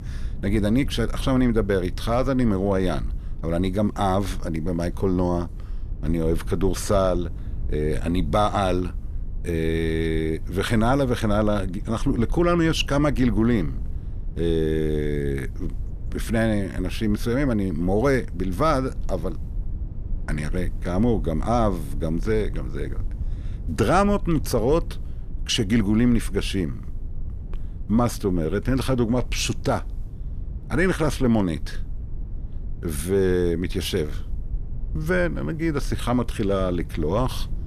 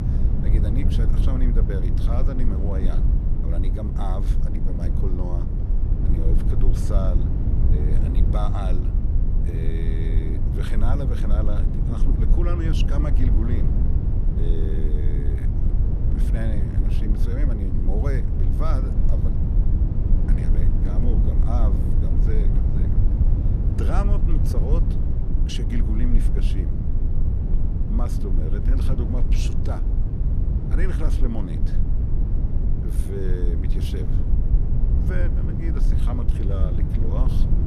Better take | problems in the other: first | low rumble; loud; throughout; 1 dB below the speech; faint in the first

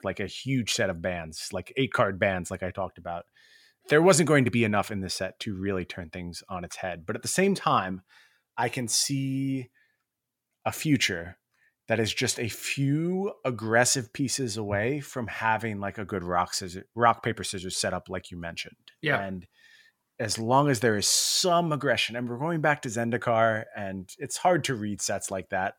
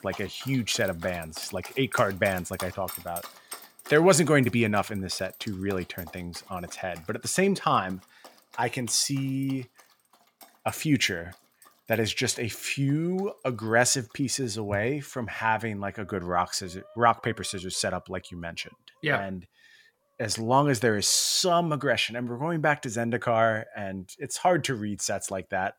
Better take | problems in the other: first | animal sounds; noticeable; throughout; 20 dB below the speech

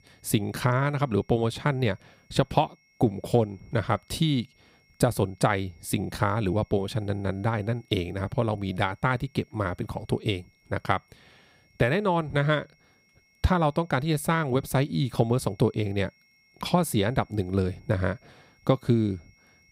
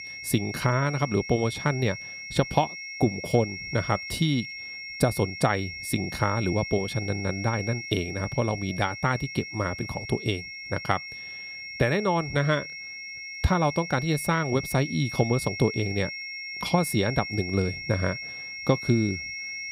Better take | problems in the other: first | high-pitched whine; loud; throughout; 2 kHz, 8 dB below the speech; faint in the first

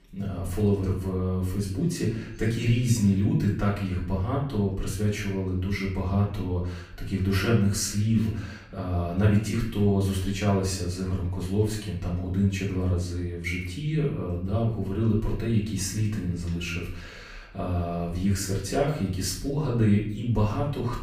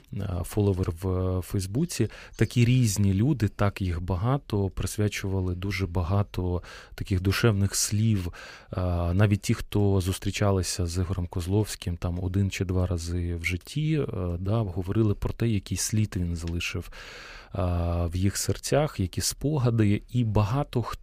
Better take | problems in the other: second | off-mic speech; far // room echo; noticeable; dies away in 0.5 s

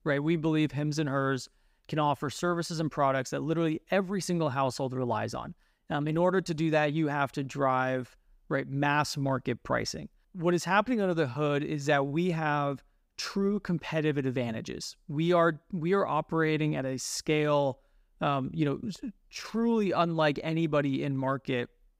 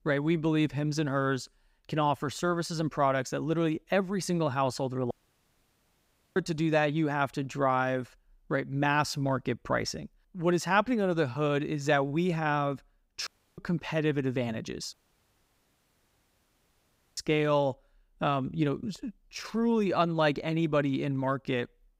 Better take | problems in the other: first | audio cutting out; at 5 s for 1.5 s, at 13 s and at 15 s for 2 s

